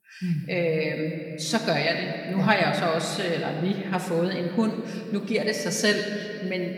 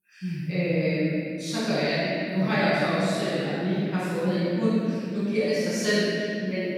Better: first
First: room echo; slight; dies away in 2.6 s // off-mic speech; somewhat distant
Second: room echo; strong; dies away in 3 s // off-mic speech; far

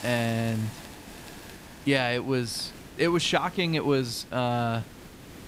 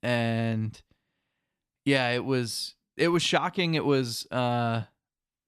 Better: second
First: hiss; noticeable; throughout; 15 dB below the speech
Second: none

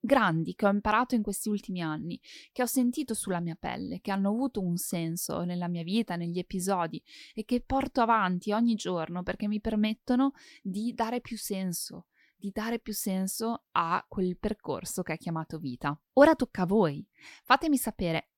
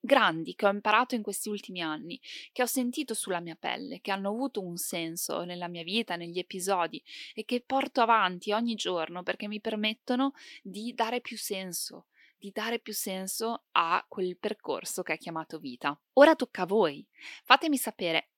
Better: first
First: none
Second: thin; very slightly; fading below 350 Hz

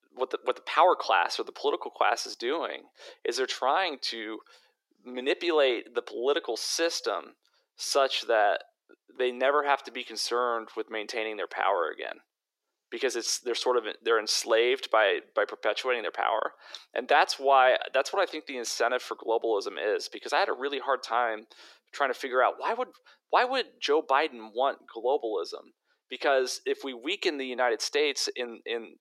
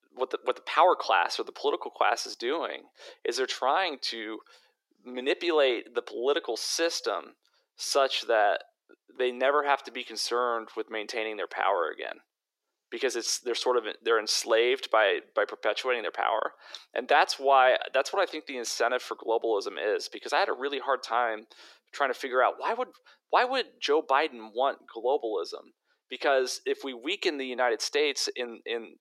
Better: neither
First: thin; very; fading below 350 Hz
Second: thin; very; fading below 350 Hz

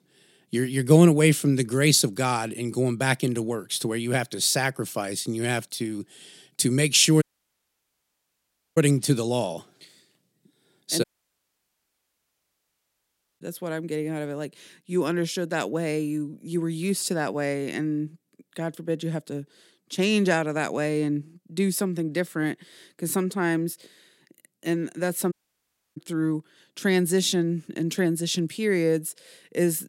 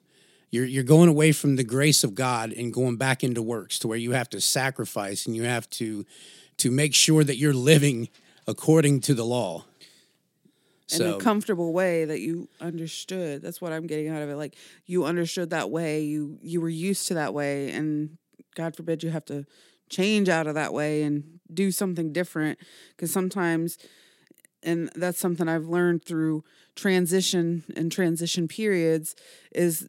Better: second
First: audio cutting out; at 7 s for 1.5 s, at 11 s for 2.5 s and at 25 s for 0.5 s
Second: none

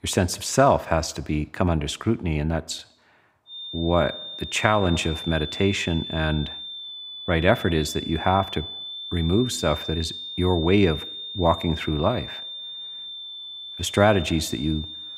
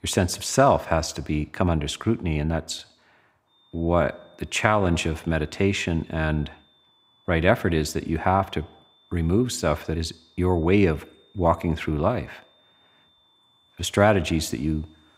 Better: second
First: high-pitched whine; loud; from 3.5 s on; 3.5 kHz, 9 dB below the speech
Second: high-pitched whine; faint; from 3.5 s on; 3.5 kHz, 35 dB below the speech

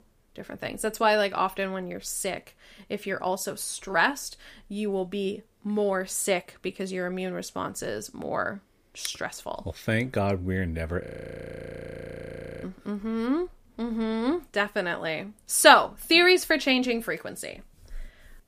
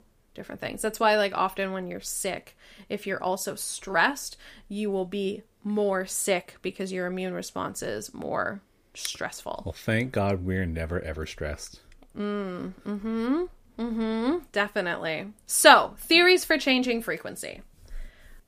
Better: second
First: audio freezing; at 11 s for 1.5 s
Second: none

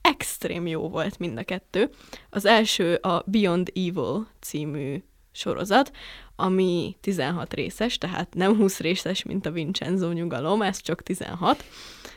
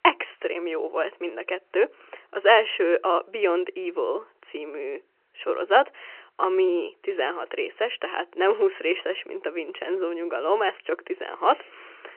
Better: first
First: none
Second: phone-call audio; nothing above 3 kHz

